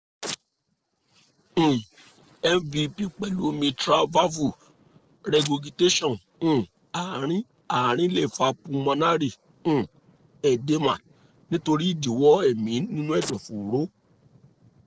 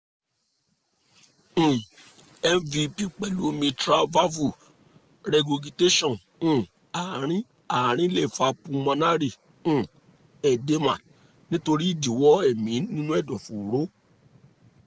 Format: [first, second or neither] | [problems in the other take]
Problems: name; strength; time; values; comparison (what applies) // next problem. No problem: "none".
second | noise reduction (neural separator model SepFormer DNS4)